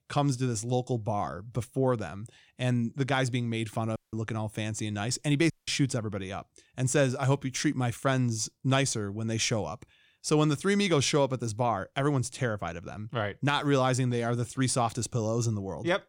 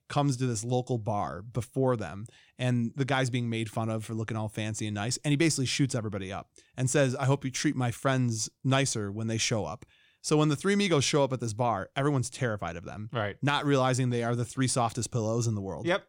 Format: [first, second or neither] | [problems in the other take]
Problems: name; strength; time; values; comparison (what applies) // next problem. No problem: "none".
second | audio cutting out; at 4 s and at 5.5 s